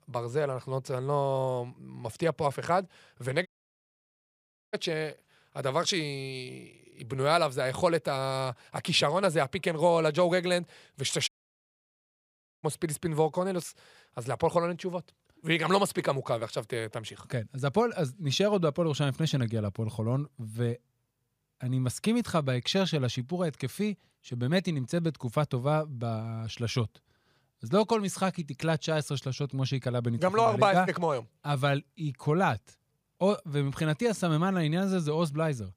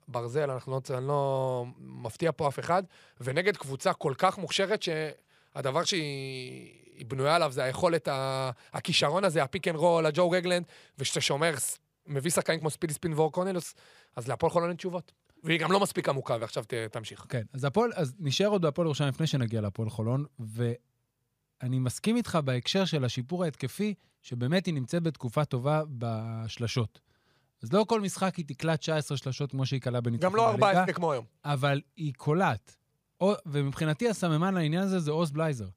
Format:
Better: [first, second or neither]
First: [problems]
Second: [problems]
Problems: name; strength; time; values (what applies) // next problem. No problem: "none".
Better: second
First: audio cutting out; at 3.5 s for 1.5 s and at 11 s for 1.5 s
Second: none